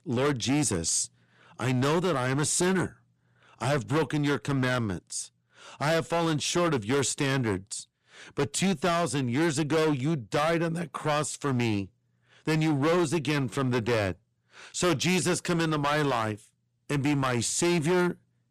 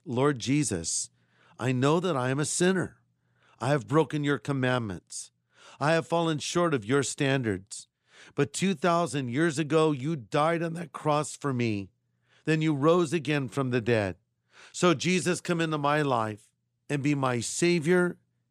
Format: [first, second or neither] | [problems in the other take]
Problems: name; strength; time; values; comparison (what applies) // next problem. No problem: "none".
second | distortion; heavy; 14% of the sound clipped